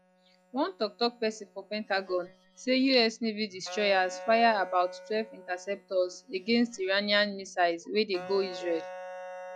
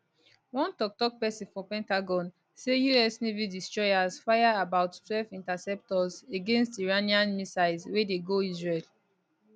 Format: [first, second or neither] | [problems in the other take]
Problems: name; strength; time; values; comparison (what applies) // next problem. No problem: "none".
second | noise reduction (classical method log-MMSE)